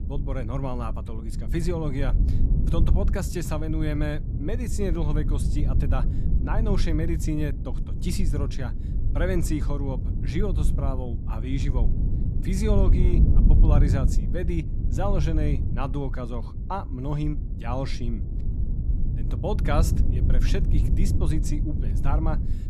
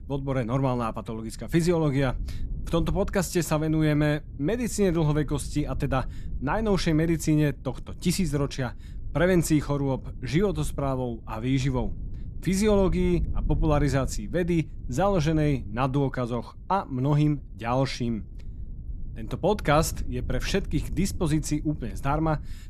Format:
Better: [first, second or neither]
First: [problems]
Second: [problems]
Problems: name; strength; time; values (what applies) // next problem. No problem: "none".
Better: second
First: low rumble; loud; throughout; 7 dB below the speech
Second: low rumble; faint; throughout; 25 dB below the speech